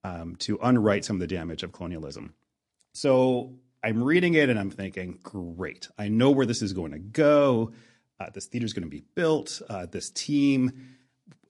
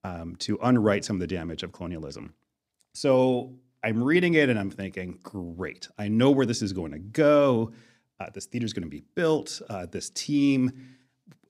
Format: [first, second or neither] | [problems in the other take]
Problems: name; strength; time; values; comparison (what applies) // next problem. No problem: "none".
second | garbled, watery; slightly